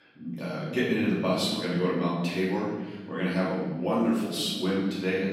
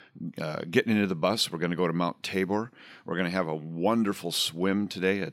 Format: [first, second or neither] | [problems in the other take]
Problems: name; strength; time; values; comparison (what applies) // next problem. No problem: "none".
second | off-mic speech; far // room echo; noticeable; dies away in 1.2 s